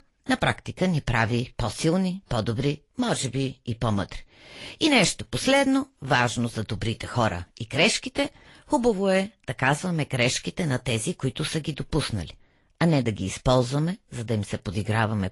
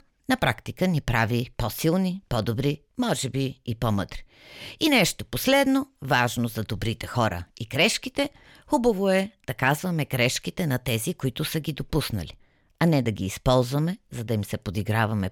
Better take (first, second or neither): second